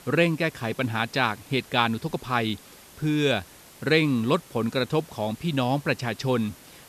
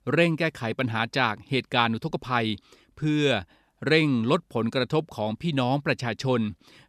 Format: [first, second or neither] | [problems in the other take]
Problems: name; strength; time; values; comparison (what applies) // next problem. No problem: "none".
second | hiss; faint; throughout; 20 dB below the speech